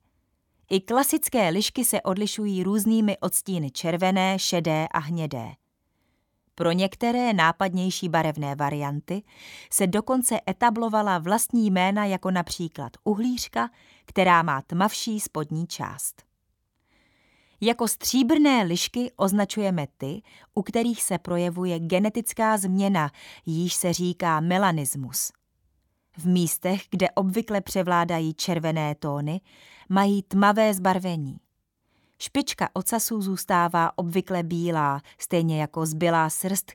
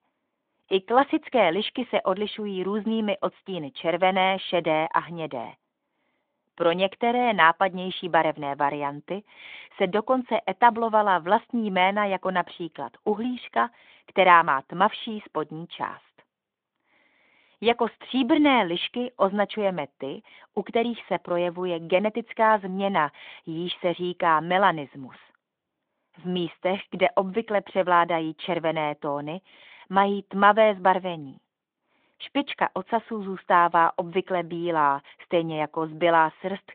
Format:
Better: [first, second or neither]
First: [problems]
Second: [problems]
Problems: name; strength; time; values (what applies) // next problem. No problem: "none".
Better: first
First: none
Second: phone-call audio